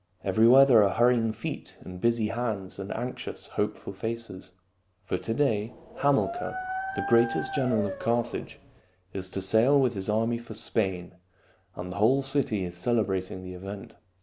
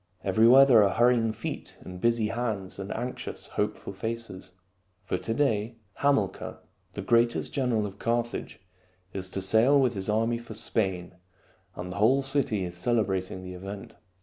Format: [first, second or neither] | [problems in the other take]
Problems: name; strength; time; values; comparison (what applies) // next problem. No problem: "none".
second | background sound (Dog); 8 dB below the speech